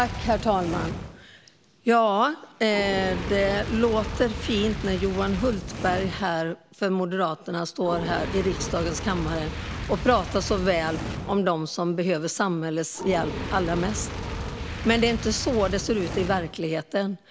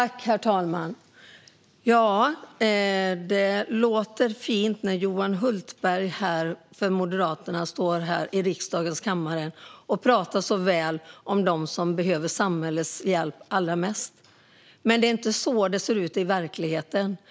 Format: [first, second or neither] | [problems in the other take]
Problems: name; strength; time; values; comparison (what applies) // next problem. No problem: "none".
second | background sound (Fire); 8 dB below the speech